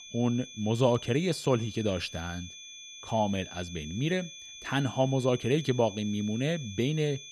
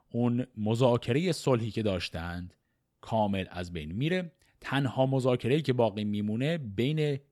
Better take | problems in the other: second | high-pitched whine; noticeable; throughout; 3.5 kHz, 15 dB below the speech

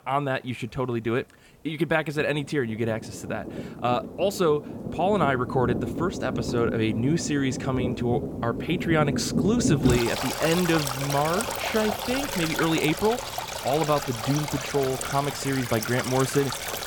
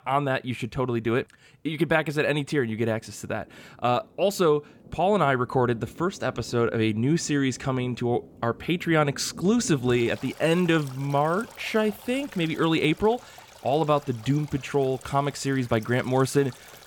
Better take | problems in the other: second | rain or running water; loud; throughout; 4 dB below the speech; faint in the second

